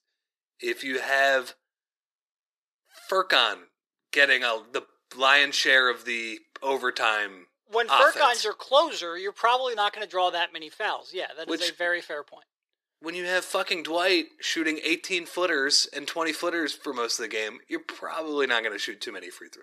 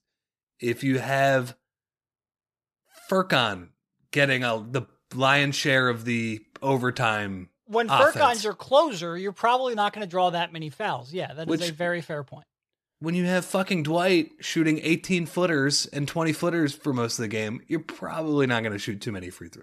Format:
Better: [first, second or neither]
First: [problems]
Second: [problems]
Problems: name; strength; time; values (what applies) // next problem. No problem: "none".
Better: second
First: thin; very; fading below 350 Hz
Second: none